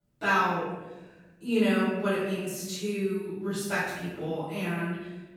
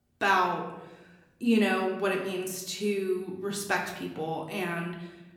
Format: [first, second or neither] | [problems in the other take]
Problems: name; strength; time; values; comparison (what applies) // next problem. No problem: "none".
second | room echo; strong; dies away in 1.1 s; slight in the second // off-mic speech; far; somewhat distant in the second